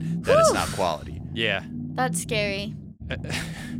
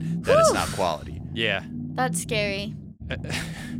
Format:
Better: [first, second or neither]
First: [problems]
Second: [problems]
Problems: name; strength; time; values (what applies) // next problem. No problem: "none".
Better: neither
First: low rumble; noticeable; throughout; 20 dB below the speech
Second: low rumble; noticeable; throughout; 20 dB below the speech